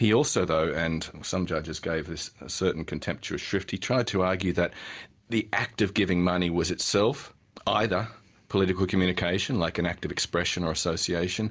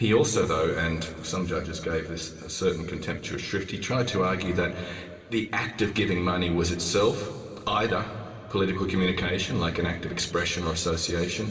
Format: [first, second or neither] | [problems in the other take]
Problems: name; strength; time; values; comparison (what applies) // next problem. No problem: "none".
first | room echo; dies away in 2.5 s